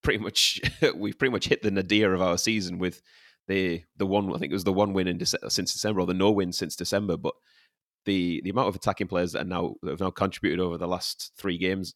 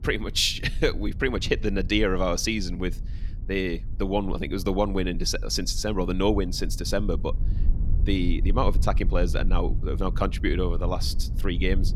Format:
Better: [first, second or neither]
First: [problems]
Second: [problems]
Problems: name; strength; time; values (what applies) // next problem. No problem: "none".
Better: first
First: none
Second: low rumble; faint; throughout; 20 dB below the speech